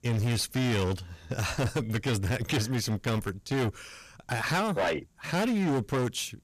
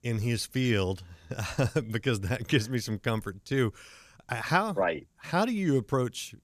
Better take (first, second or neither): second